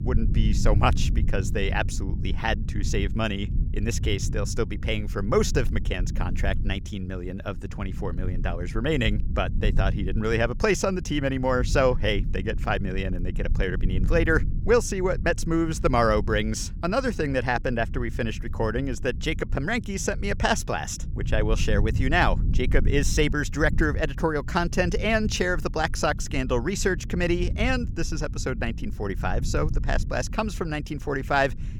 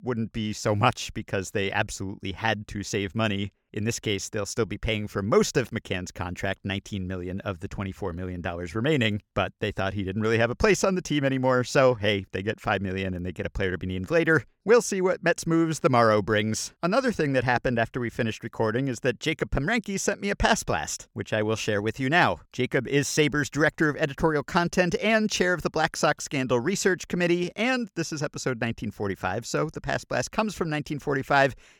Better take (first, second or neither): second